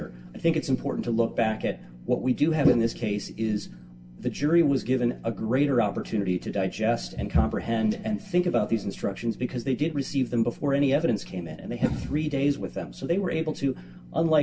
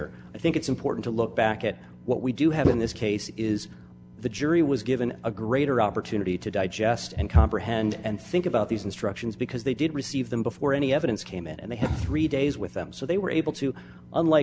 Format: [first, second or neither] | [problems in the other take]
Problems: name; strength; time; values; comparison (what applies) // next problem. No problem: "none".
second | room echo; dies away in 0.2 s